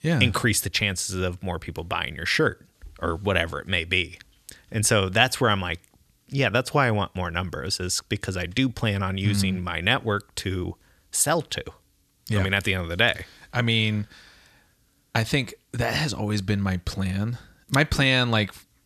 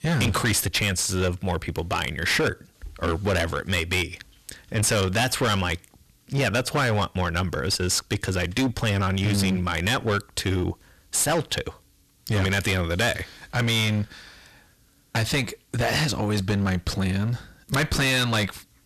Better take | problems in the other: first | distortion; heavy; 17% of the sound clipped

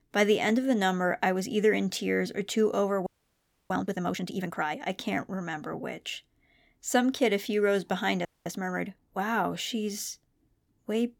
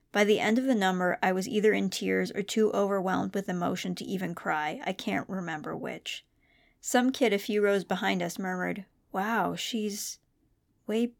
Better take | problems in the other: second | audio freezing; at 3 s for 0.5 s and at 8.5 s

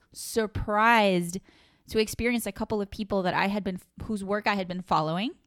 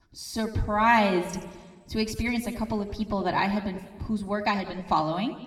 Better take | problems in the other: first | room echo; slight; dies away in 1.1 s // off-mic speech; somewhat distant

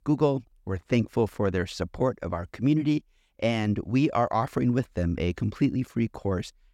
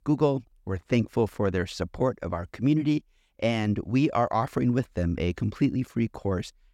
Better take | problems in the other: neither | none

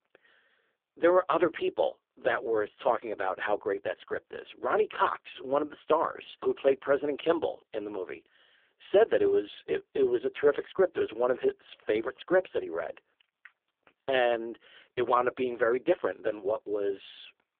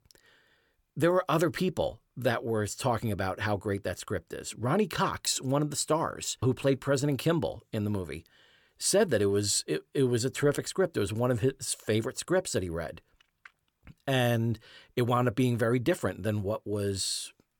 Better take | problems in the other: second | phone-call audio; poor line

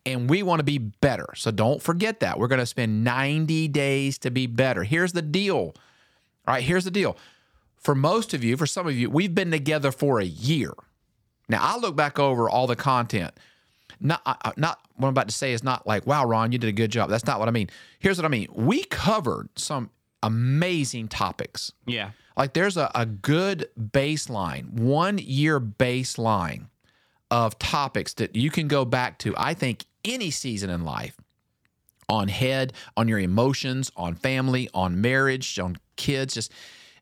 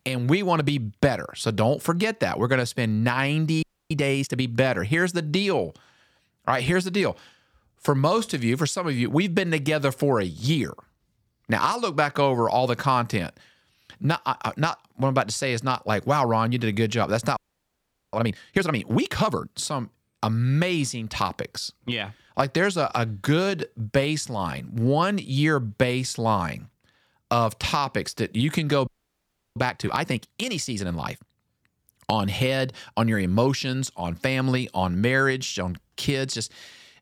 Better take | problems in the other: first | audio freezing; at 3.5 s, at 17 s for 1 s and at 29 s for 0.5 s

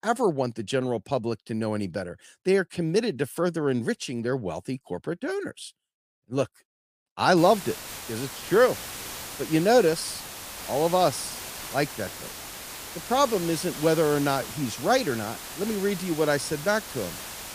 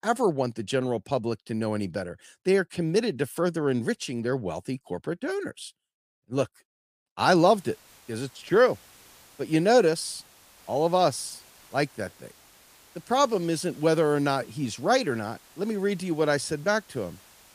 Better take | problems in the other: second | hiss; loud; from 7.5 s on; 10 dB below the speech; faint in the second

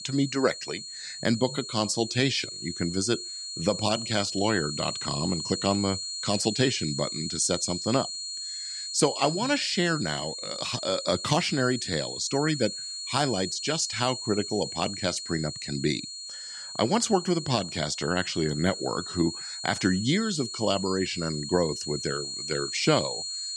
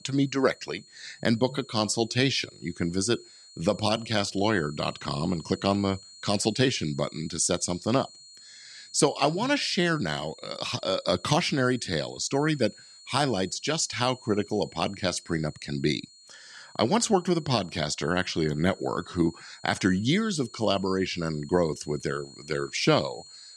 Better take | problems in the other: second | high-pitched whine; loud; throughout; 4.5 kHz, 6 dB below the speech; faint in the second

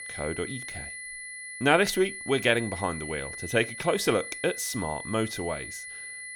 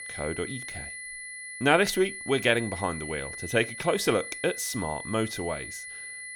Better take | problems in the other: neither | high-pitched whine; loud; throughout; 2 kHz, 9 dB below the speech; the same in both

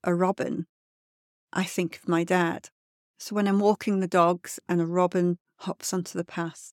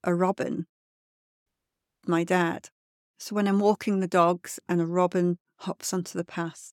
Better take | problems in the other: first | audio cutting out; at 1.5 s for 0.5 s

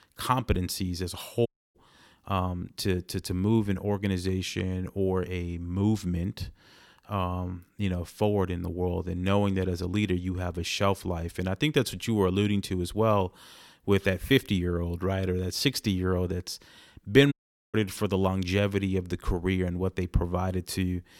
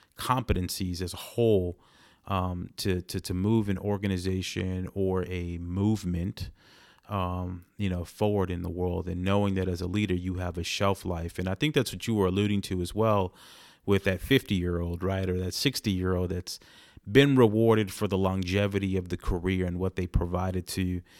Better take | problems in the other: second | audio cutting out; at 1.5 s and at 17 s

